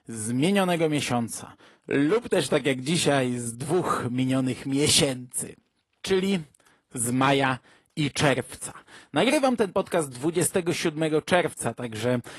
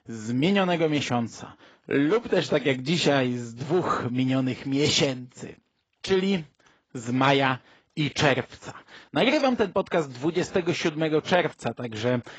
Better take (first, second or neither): first